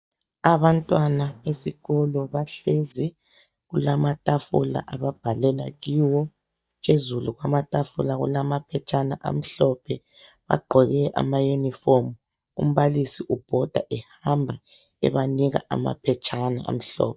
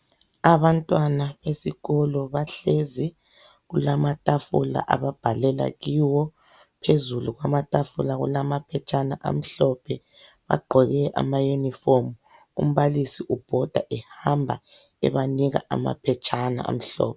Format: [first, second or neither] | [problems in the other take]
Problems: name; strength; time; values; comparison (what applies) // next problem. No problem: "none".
second | noise reduction (neural mask model DeepFilterNet 3)